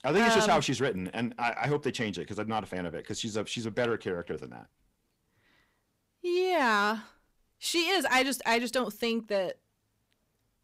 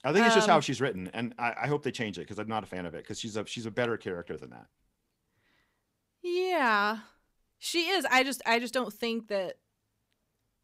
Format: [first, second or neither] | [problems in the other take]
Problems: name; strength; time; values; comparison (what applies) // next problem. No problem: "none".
second | distortion; slight; 10 dB below the speech